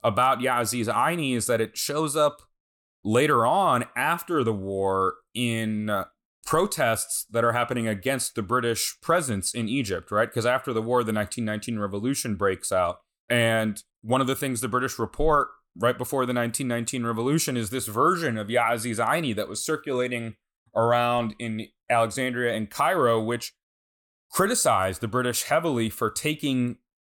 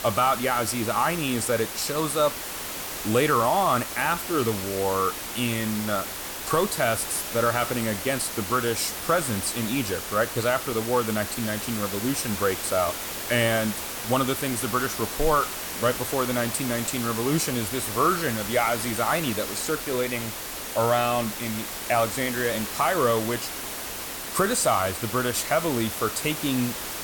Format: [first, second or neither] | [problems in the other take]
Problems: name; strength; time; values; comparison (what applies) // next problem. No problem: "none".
first | hiss; loud; throughout; 5 dB below the speech